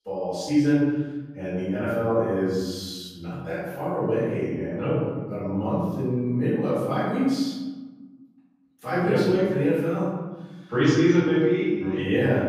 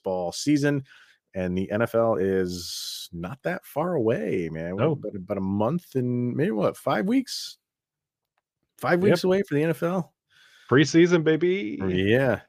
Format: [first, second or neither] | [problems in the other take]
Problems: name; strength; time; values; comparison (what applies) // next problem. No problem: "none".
second | off-mic speech; far // room echo; strong; dies away in 1.4 s